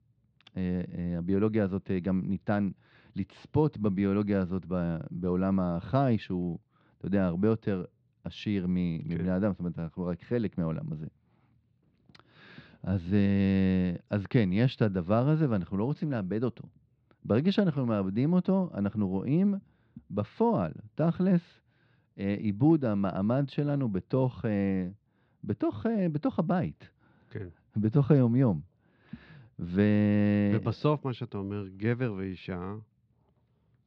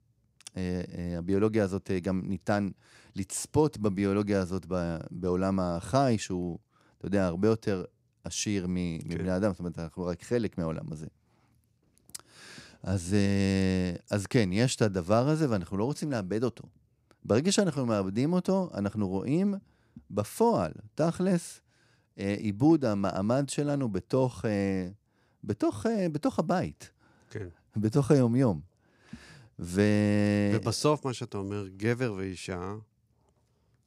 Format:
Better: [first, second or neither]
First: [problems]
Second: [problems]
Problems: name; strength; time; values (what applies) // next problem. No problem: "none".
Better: second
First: muffled; slightly; fading above 4 kHz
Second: none